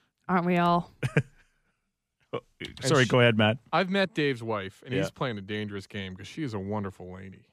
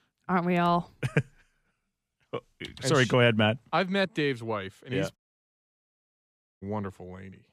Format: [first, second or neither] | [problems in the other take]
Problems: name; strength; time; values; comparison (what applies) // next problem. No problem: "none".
first | audio cutting out; at 5 s for 1.5 s